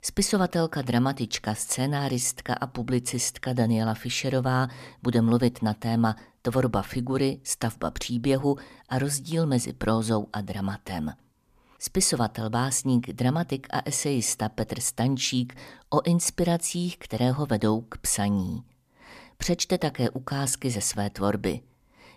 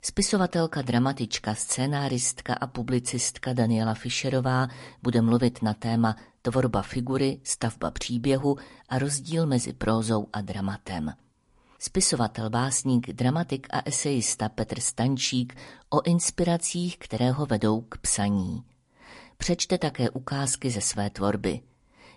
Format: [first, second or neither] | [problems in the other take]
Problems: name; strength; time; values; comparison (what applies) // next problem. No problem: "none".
first | garbled, watery; slightly; nothing above 11 kHz